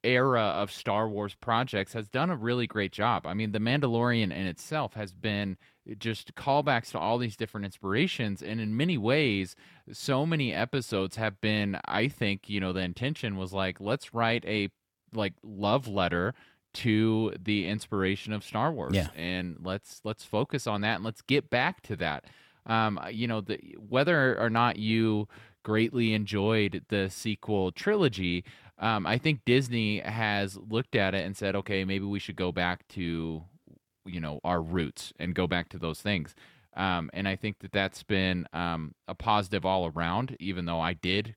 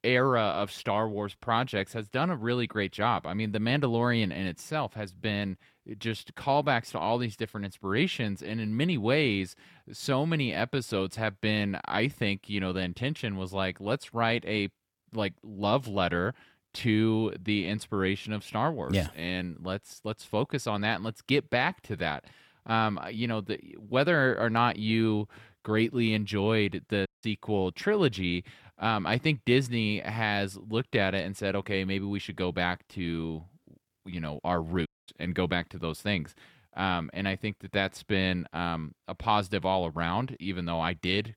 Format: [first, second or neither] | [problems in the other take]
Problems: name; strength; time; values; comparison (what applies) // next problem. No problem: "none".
first | audio cutting out; at 27 s and at 35 s